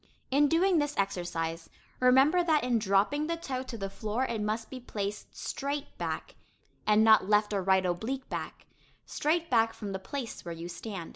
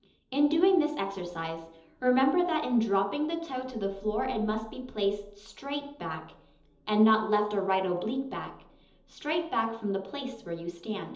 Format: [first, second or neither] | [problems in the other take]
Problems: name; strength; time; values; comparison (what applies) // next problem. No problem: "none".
first | room echo; dies away in 1.2 s